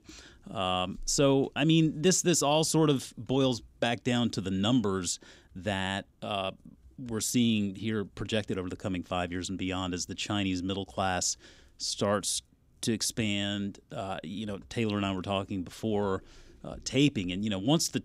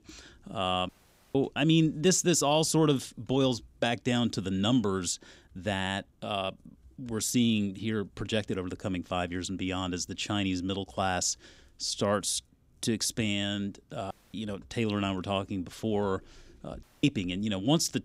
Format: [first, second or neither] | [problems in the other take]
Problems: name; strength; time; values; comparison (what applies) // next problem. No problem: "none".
first | audio cutting out; at 1 s, at 14 s and at 17 s